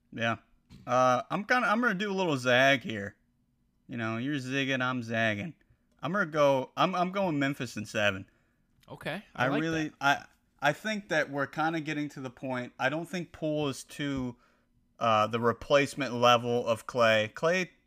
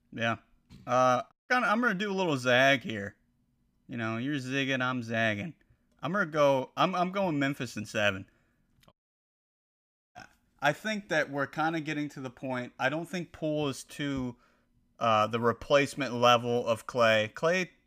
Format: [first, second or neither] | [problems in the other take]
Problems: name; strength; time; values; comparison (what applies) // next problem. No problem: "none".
first | audio cutting out; at 1.5 s and at 9 s for 1 s